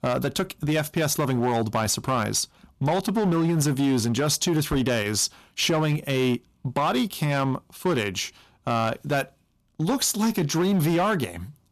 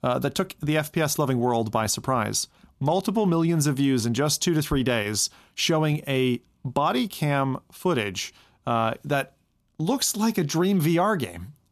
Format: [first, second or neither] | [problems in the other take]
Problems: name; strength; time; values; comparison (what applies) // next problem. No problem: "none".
second | distortion; slight; 11% of the sound clipped